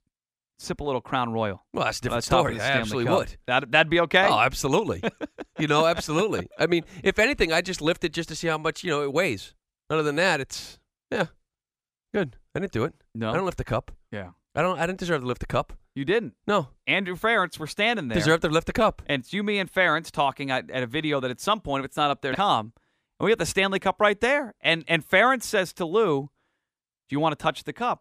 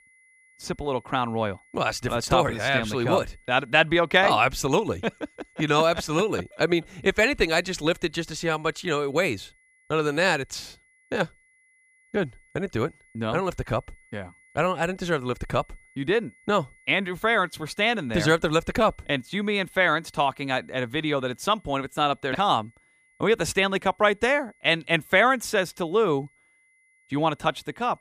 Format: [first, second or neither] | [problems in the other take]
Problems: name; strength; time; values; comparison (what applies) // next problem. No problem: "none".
first | high-pitched whine; faint; throughout; 2 kHz, 35 dB below the speech